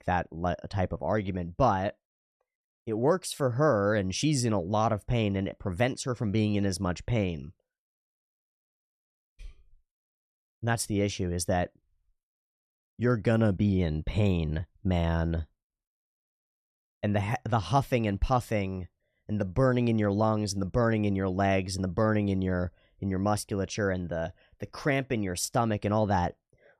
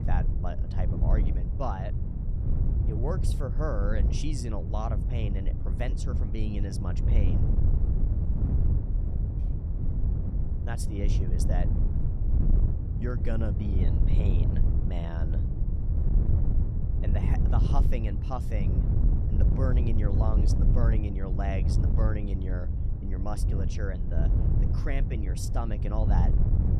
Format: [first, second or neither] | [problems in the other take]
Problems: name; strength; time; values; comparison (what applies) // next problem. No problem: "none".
first | wind noise on the microphone; heavy; 3 dB below the speech